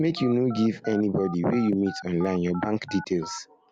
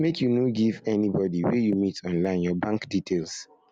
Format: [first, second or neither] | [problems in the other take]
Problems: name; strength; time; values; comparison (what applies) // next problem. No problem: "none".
second | background sound (Telephone); 16 dB below the speech